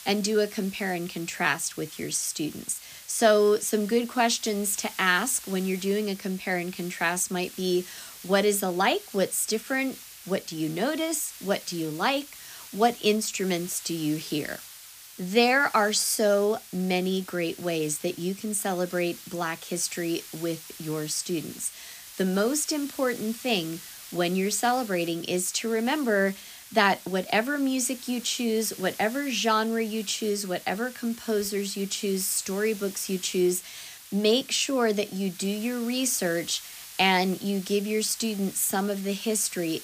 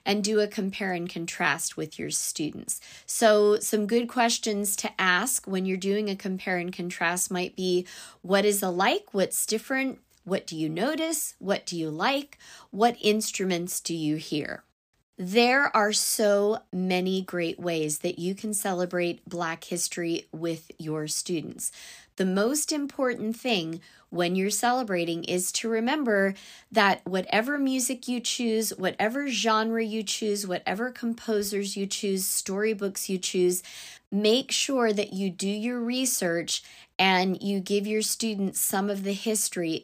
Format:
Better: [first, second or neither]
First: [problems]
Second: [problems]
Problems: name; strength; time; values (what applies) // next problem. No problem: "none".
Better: second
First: hiss; noticeable; throughout; 15 dB below the speech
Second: none